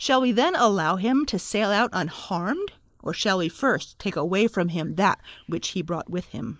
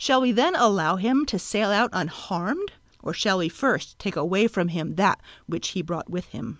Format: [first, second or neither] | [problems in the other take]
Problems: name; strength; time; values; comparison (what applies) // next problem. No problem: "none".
second | noise reduction (neural mask model Resemble Enhance denoiser)